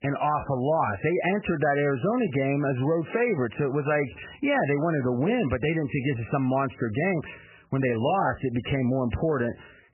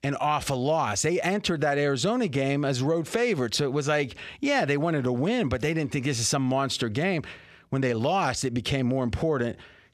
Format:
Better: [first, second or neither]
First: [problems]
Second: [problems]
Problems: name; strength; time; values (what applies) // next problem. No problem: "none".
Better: second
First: garbled, watery; badly; nothing above 3 kHz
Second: none